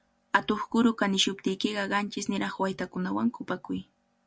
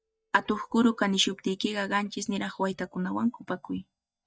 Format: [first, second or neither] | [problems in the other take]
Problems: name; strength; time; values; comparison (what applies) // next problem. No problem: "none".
first | noise reduction (neural mask model DeepFilterNet 3)